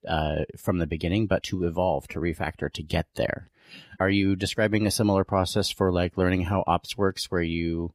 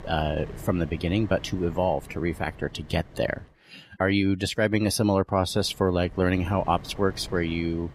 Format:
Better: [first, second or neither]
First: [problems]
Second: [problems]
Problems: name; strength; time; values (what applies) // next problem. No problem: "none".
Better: first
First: none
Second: wind noise on the microphone; occasional gusts; until 3.5 s and from 5.5 s on; 20 dB below the speech